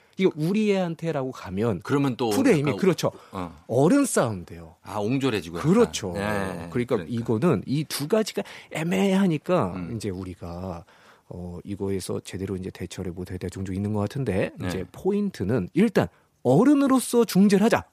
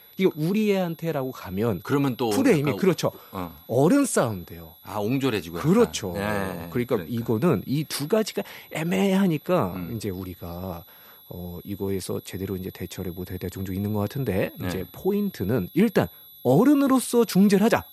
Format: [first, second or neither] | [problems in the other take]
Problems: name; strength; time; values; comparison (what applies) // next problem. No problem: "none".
first | high-pitched whine; faint; throughout; 12 kHz, 25 dB below the speech